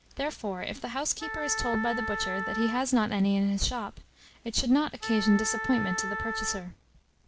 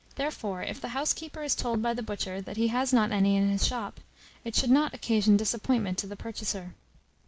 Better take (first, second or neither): second